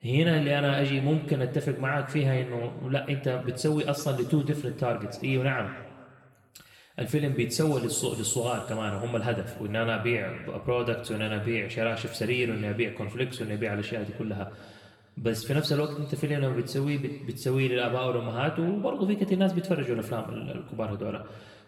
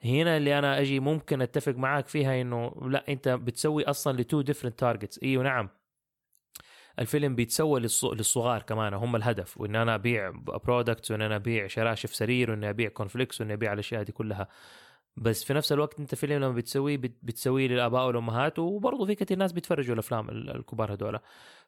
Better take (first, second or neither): second